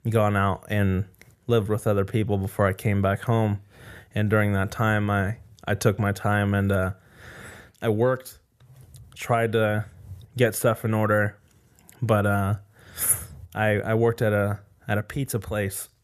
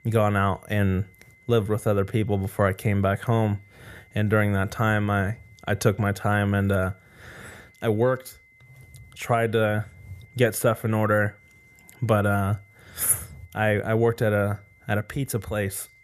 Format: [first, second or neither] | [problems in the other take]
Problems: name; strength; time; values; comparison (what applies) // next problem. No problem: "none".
first | high-pitched whine; faint; throughout; 2 kHz, 30 dB below the speech